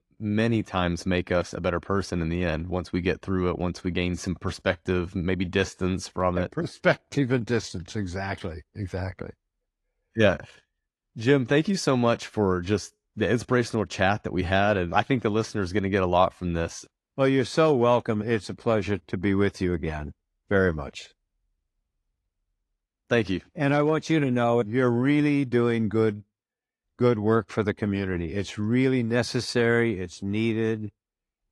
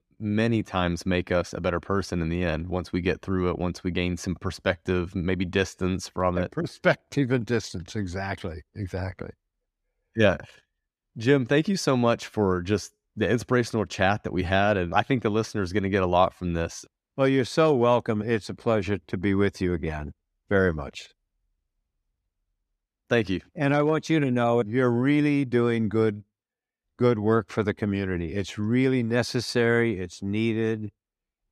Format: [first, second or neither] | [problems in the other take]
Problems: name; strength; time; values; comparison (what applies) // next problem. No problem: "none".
second | garbled, watery; slightly; nothing above 11 kHz